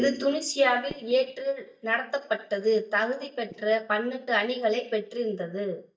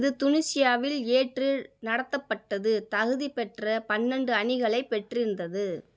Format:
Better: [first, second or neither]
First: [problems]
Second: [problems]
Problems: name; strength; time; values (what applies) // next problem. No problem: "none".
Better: second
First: noise reduction (neural mask model DeepFilterNet 3)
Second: none